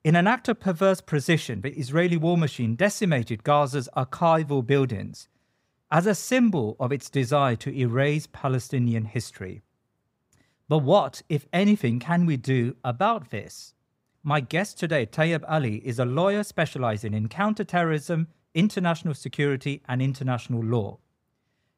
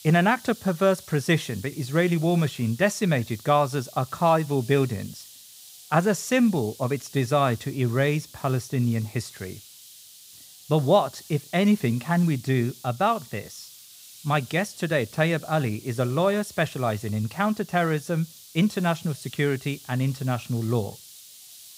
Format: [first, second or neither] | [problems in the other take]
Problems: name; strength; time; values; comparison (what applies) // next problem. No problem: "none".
first | hiss; noticeable; throughout; 20 dB below the speech